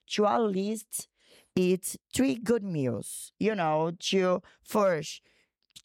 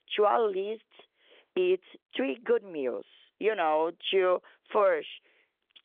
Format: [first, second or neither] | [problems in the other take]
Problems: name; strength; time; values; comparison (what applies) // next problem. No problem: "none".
first | phone-call audio; nothing above 3.5 kHz